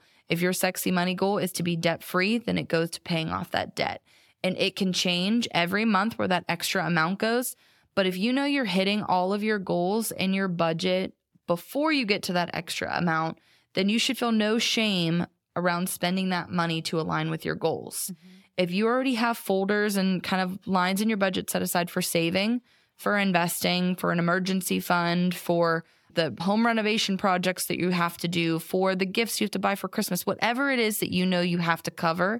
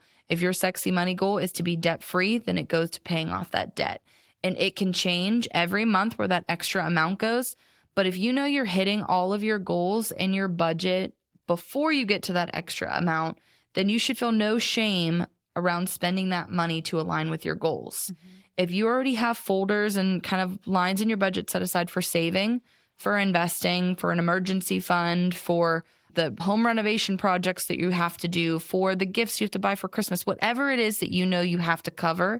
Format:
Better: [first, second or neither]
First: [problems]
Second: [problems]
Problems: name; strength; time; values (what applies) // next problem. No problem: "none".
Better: first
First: none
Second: garbled, watery; slightly